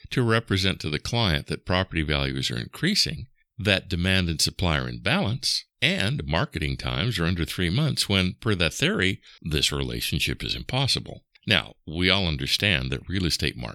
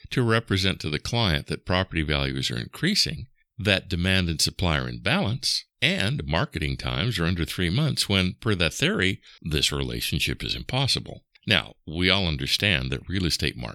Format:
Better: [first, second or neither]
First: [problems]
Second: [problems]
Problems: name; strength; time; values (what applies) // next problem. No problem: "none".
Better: neither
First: none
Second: none